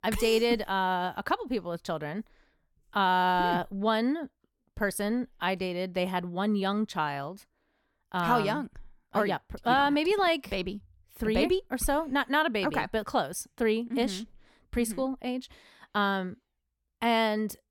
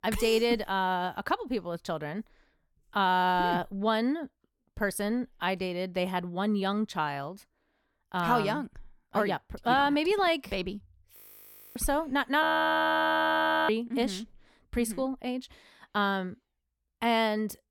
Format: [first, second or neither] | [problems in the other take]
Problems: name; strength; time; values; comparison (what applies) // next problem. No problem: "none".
first | audio freezing; at 11 s for 0.5 s and at 12 s for 1.5 s